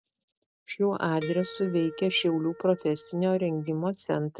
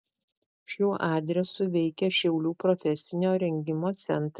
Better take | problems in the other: second | background sound (Harp); 16 dB below the speech

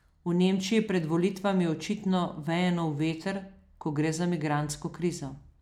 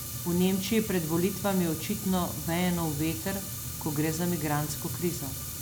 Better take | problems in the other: first | background sound (Fire); 7 dB below the speech

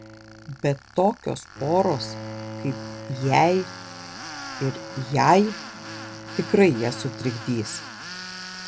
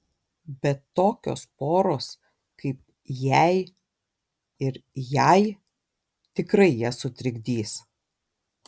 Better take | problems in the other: second | background sound (Bowed string instrument + Tools); 12 dB below the speech

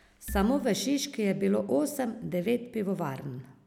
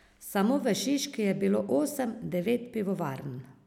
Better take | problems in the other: second | background sound (Marimba, xylophone); 9 dB below the speech

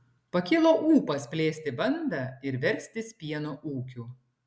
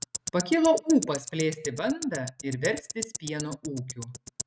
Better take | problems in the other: first | noise reduction (neural mask model RNNoise)

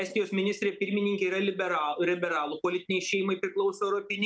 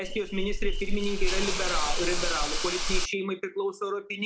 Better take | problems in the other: first | background sound (Hiss / Insect); 5 dB above the speech

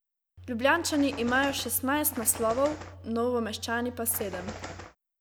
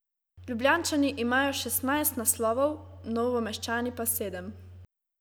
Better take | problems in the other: second | background sound (Bird); 13 dB below the speech

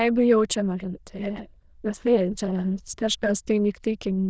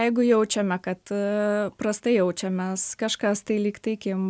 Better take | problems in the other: second | noise reduction (neural diffusion model UNIVERSE++)

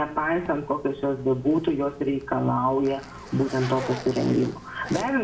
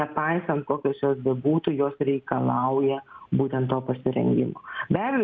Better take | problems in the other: second | background sound (Zipper (clothing)); 16 dB below the speech // room echo; dies away in 0.5 s

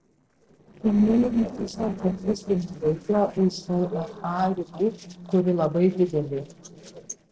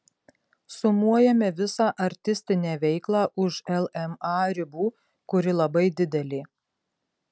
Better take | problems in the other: second | noise reduction (neural separator model SepFormer DNS4)

